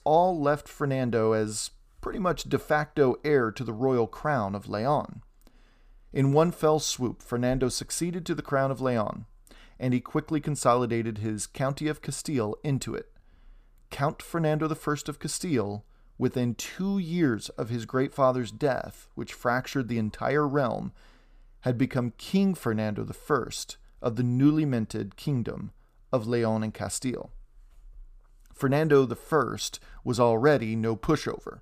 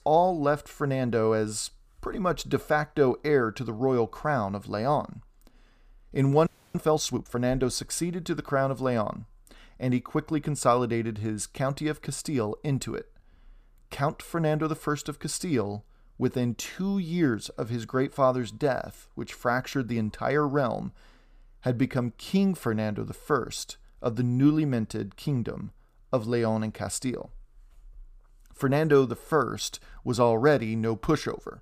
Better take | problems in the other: first | audio freezing; at 6.5 s

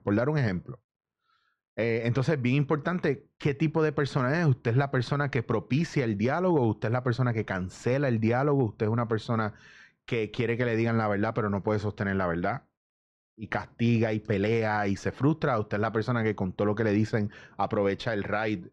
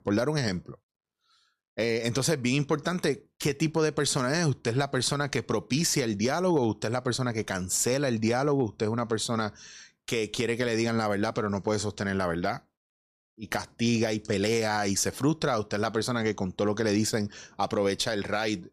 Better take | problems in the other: second | muffled; very; fading above 2 kHz

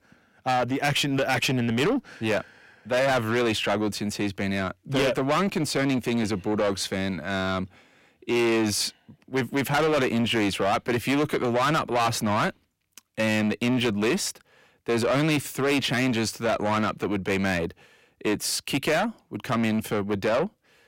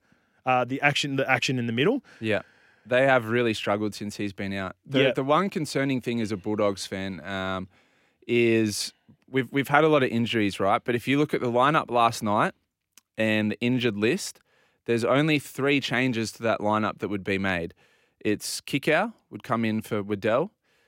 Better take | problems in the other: second | distortion; heavy; 7 dB below the speech

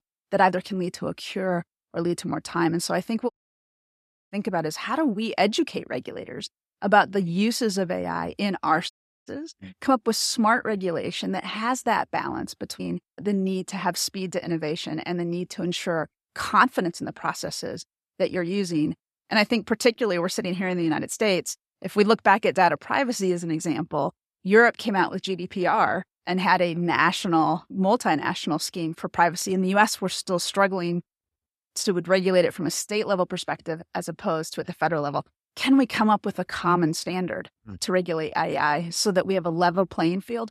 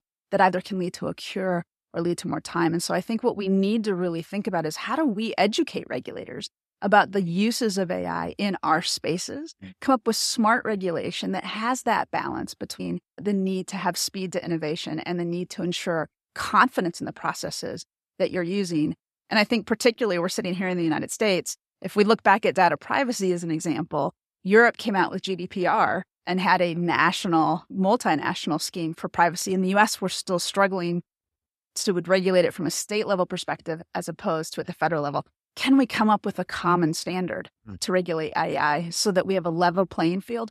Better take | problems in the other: second | audio cutting out; at 3.5 s for 1 s and at 9 s

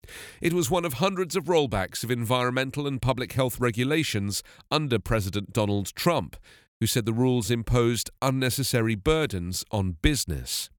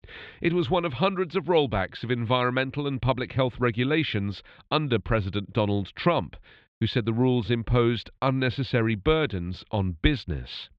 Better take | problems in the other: first | muffled; slightly; fading above 3.5 kHz

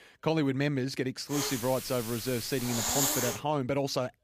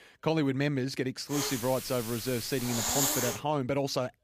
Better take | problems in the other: neither | hiss; loud; from 1.5 to 3.5 s; 1 dB below the speech; the same in both

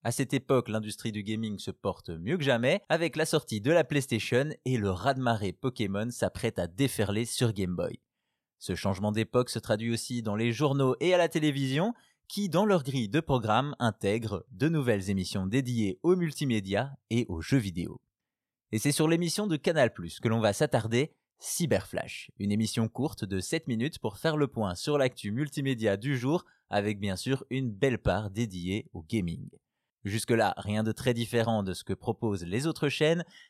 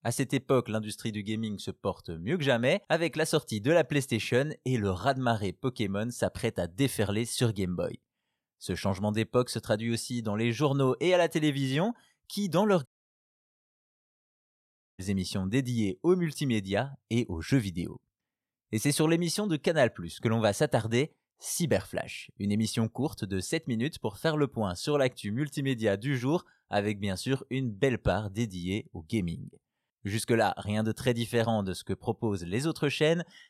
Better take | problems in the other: first | audio cutting out; at 13 s for 2 s

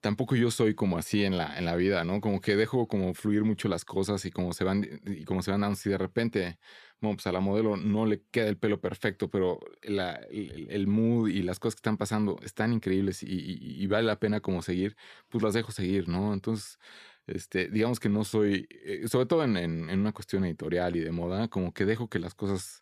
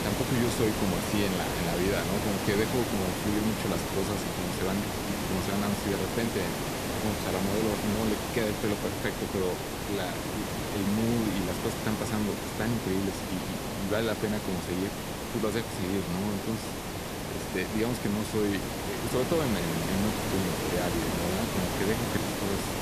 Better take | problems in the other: first | hiss; loud; throughout; as loud as the speech

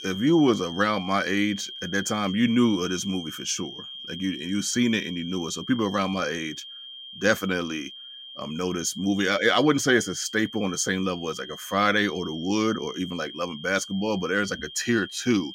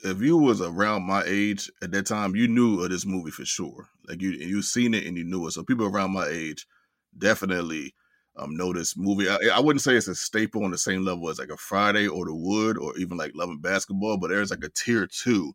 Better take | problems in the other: second | high-pitched whine; noticeable; throughout; 3 kHz, 10 dB below the speech

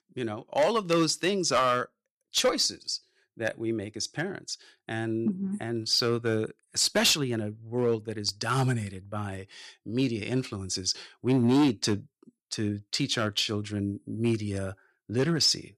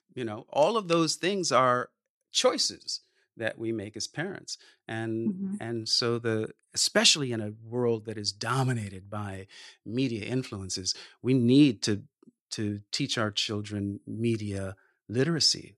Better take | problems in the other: second | distortion; slight; 3% of the sound clipped

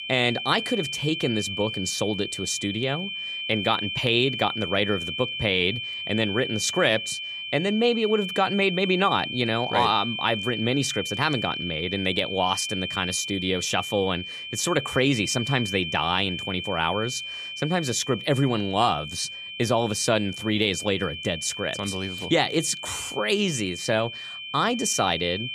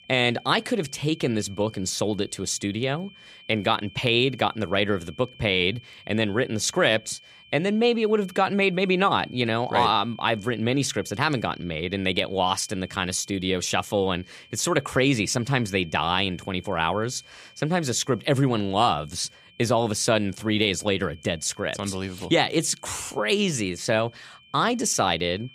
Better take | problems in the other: second | high-pitched whine; loud; throughout; 3 kHz, 6 dB below the speech; faint in the second

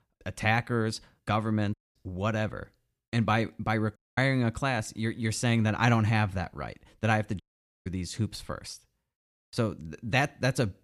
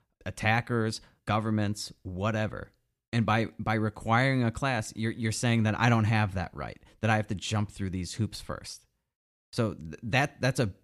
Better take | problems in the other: second | audio cutting out; at 1.5 s, at 4 s and at 7.5 s

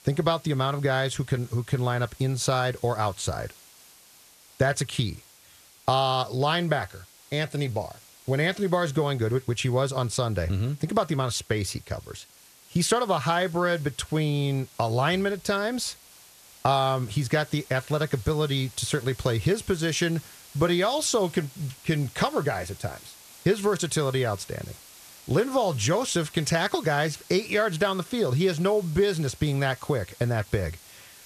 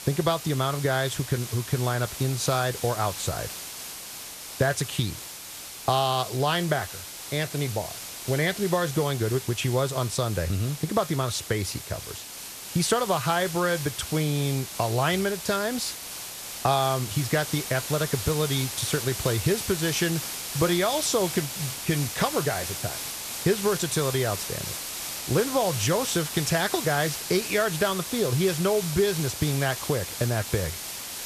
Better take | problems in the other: first | hiss; loud; throughout; 7 dB below the speech; faint in the first

